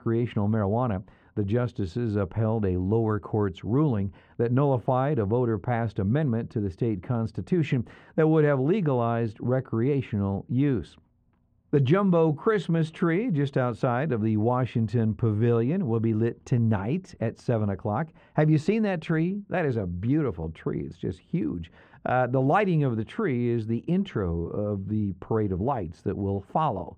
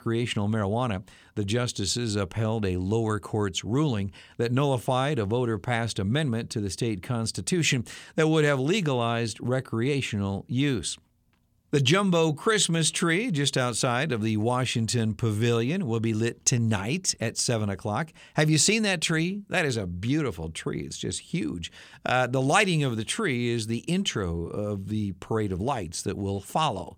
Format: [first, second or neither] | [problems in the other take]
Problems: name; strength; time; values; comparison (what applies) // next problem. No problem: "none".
second | muffled; very; fading above 3 kHz